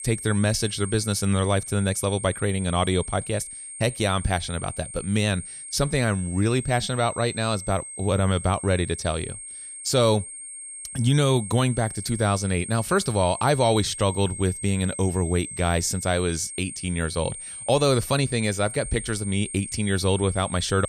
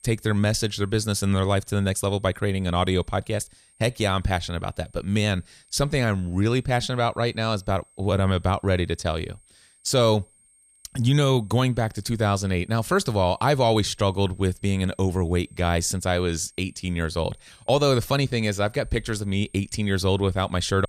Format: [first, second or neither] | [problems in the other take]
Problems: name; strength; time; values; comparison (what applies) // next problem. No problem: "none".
second | high-pitched whine; loud; throughout; 8.5 kHz, 10 dB below the speech; faint in the second